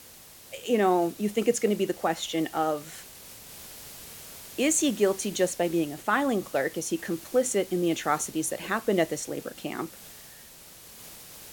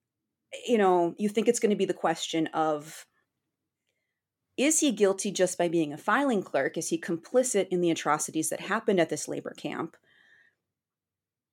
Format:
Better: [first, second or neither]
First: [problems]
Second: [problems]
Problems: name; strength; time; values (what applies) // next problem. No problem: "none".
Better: second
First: hiss; noticeable; throughout; 15 dB below the speech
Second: none